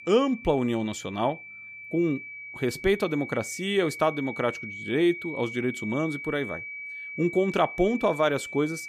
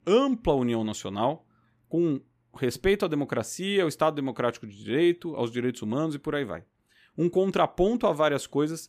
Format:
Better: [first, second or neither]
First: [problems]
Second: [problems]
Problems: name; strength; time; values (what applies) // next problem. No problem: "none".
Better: second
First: high-pitched whine; loud; throughout; 2.5 kHz, 10 dB below the speech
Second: none